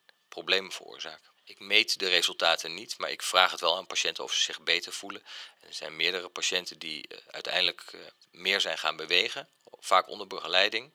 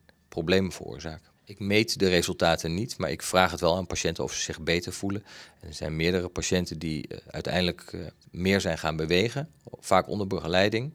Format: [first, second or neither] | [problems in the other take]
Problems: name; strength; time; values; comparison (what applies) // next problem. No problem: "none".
second | thin; very; fading below 550 Hz